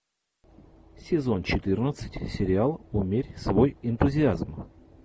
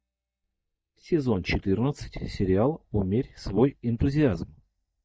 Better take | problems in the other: first | noise reduction (neural mask model DeepFilterNet 3)

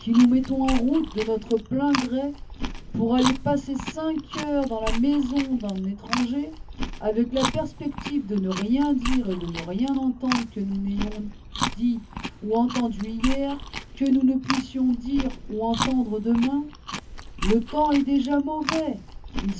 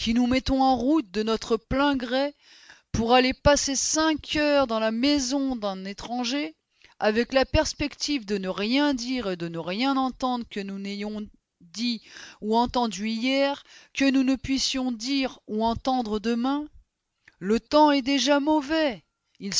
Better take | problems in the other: second | background sound (Chewing, mastication); 8 dB below the speech // room echo; dies away in 0.3 s

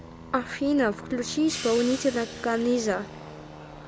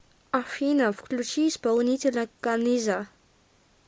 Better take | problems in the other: second | background sound (Aircraft + Hi-hat); 12 dB below the speech

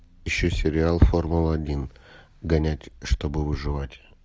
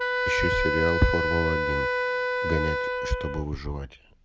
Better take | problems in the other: first | background sound (Wind instrument, woodwind instrument); 2 dB above the speech

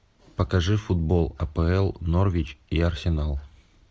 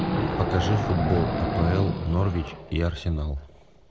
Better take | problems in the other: first | background sound (Wild animals); 2 dB below the speech

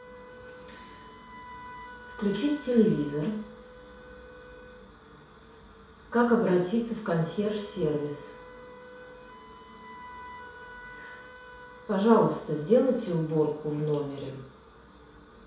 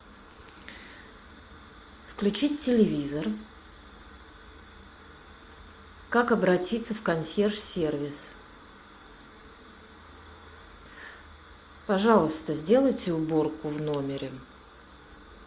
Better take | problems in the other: second | background sound (Wind instrument, woodwind instrument); 19 dB below the speech // room echo; dies away in 0.6 s

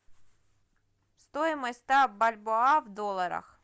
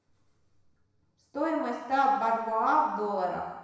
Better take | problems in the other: first | room echo; dies away in 0.9 s

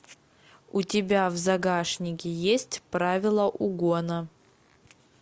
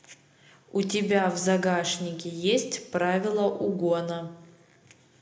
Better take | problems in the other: first | room echo; dies away in 0.7 s

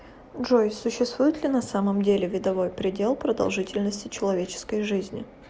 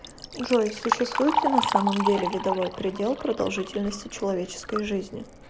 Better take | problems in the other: first | background sound (Liquid); 3 dB below the speech

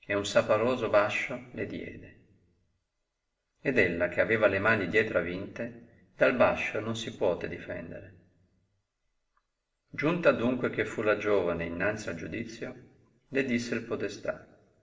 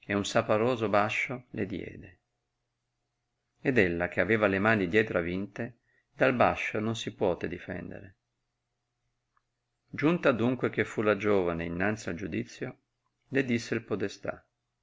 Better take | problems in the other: second | room echo; dies away in 0.8 s

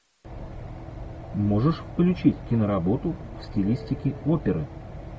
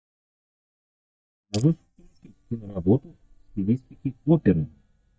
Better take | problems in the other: first | noise reduction (neural mask model DeepFilterNet 3)

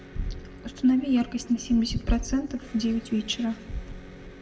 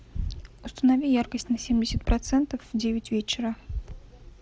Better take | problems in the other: second | background sound (Electric guitar); 19 dB below the speech // room echo; dies away in 1.2 s

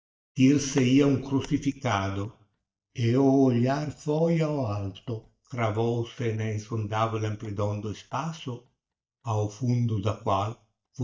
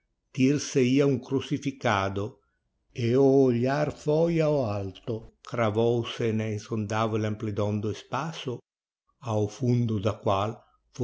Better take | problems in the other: second | noise reduction (neural mask model DeepFilterNet 3)

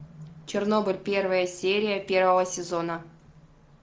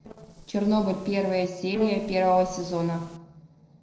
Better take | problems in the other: first | noise reduction (neural separator model SepFormer DNS4)

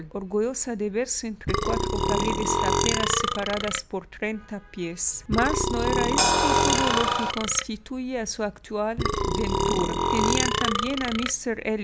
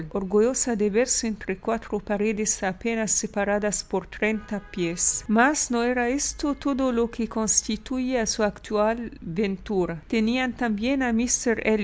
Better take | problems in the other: second | background sound (Burping, eructation + Crash cymbal); 4 dB above the speech

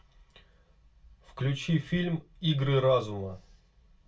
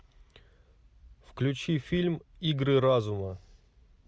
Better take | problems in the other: second | room echo; dies away in 0.2 s

